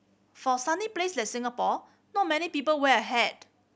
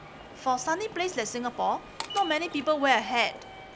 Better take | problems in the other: first | background sound (Walk, footsteps / Subway, metro, underground); 14 dB below the speech

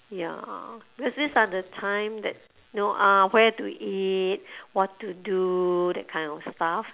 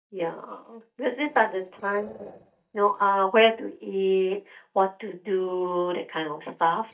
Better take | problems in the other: first | noise reduction (neural mask model DeepFilterNet 3)

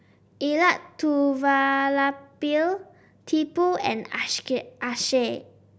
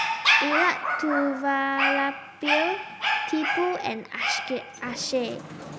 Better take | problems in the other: first | background sound (Dog); 1 dB above the speech

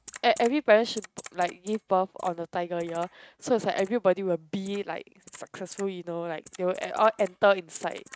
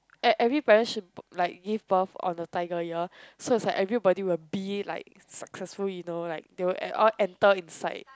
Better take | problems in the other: second | noise reduction (neural mask model RNNoise)

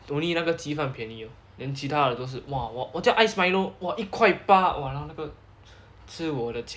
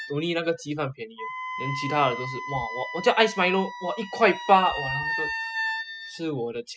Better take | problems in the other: first | noise reduction (classical method spectral subtraction)

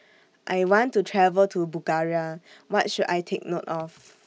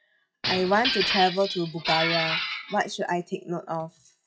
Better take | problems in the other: first | noise reduction (classical method WPE with log-MMSE)

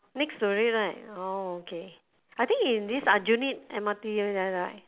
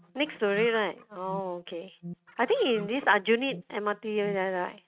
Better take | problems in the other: first | noise reduction (neural mask model RNNoise)

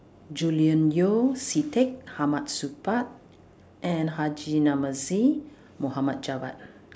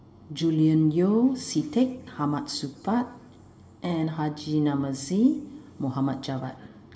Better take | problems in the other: first | room echo; dies away in 2.4 s

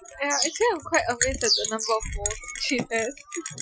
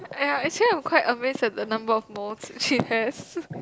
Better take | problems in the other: second | noise reduction (classical method Wiener filter)

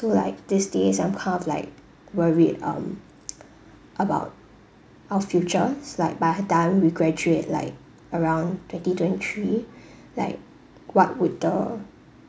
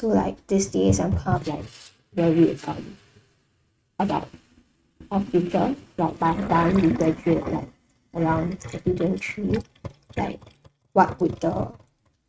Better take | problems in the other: first | noise reduction (neural mask model RNNoise)

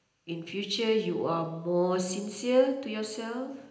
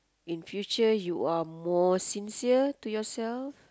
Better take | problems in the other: second | room echo; dies away in 0.8 s

